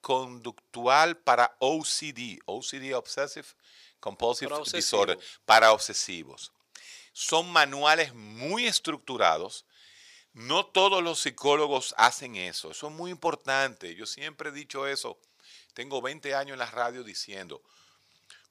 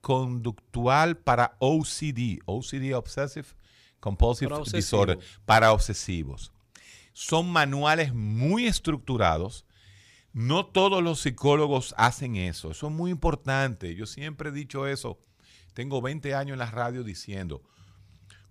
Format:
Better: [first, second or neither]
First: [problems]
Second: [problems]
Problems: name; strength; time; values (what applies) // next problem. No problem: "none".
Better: second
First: thin; very; fading below 450 Hz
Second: none